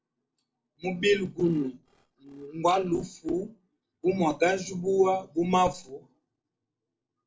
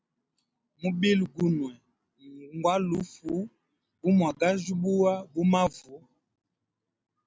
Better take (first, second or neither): second